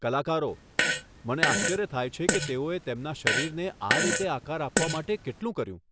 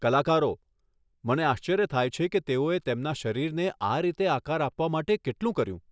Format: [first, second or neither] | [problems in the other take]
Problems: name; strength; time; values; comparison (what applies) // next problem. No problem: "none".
second | background sound (Fart); 1 dB above the speech